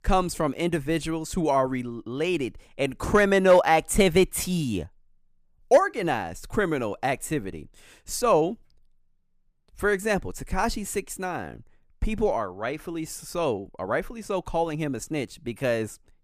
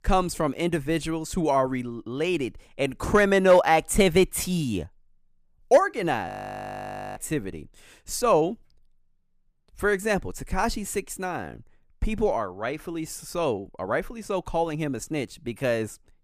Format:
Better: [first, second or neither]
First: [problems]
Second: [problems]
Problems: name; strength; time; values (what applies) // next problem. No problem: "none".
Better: first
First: none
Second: audio freezing; at 6.5 s for 1 s